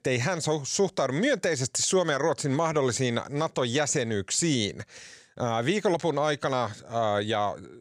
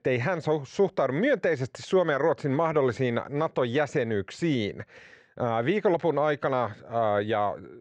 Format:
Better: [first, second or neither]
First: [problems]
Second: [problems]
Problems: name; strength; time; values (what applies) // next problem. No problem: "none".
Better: first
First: none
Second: muffled; very; fading above 2 kHz